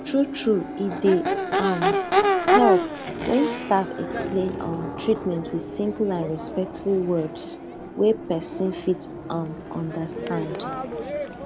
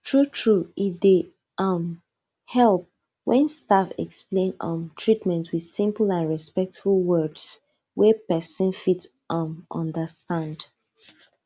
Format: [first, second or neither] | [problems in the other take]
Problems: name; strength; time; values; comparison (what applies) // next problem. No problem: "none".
second | background sound (Crowd / Race car, auto racing / Accelerating, revving, vroom); 1 dB below the speech